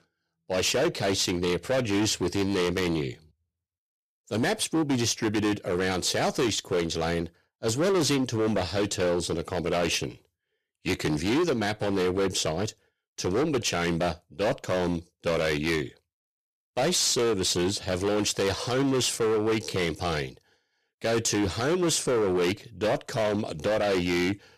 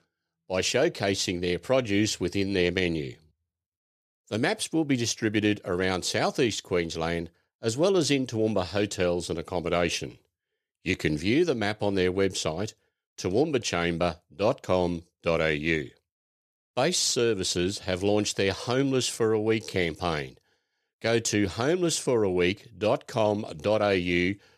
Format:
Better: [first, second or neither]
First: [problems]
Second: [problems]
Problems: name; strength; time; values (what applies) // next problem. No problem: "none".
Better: second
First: distortion; heavy; 15% of the sound clipped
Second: none